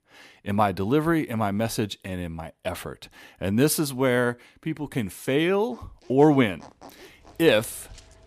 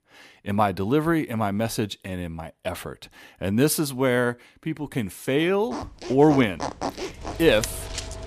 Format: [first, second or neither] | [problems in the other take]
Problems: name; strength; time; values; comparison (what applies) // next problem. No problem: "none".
first | household noises; loud; from 6 s on; 10 dB below the speech; faint in the first